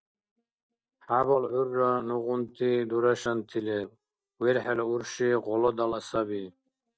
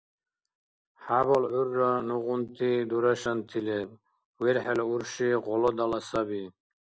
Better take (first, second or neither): second